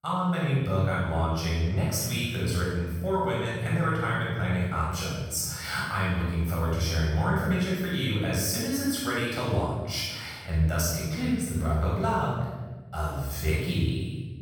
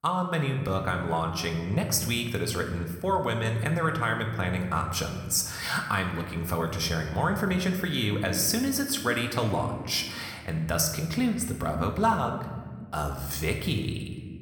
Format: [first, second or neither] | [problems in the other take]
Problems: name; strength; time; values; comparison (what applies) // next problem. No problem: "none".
second | room echo; strong; dies away in 1.3 s; slight in the second // off-mic speech; far